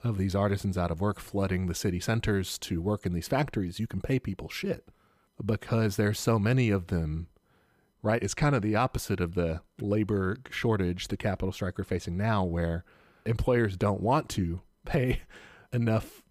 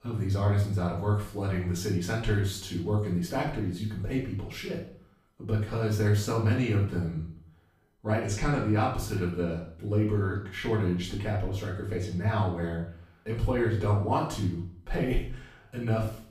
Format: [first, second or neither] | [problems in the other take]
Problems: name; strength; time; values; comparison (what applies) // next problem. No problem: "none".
first | off-mic speech; far // room echo; noticeable; dies away in 0.5 s